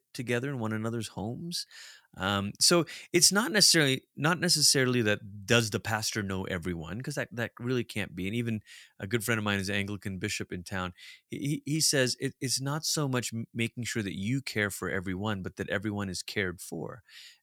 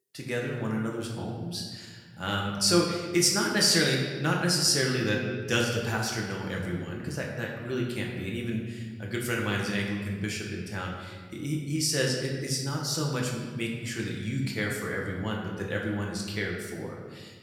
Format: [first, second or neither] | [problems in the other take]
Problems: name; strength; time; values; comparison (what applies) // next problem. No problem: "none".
first | room echo; noticeable; dies away in 1.4 s // off-mic speech; somewhat distant